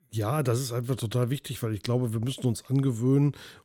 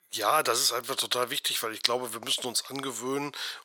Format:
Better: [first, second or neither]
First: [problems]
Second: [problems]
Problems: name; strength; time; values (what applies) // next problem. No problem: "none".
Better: first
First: none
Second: thin; very; fading below 900 Hz